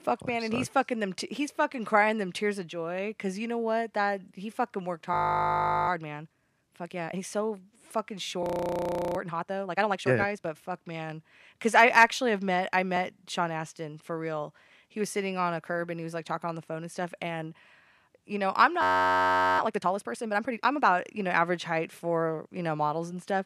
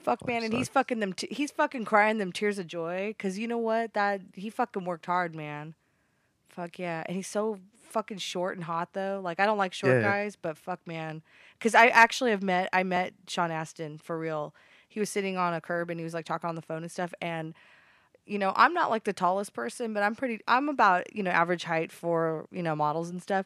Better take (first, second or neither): second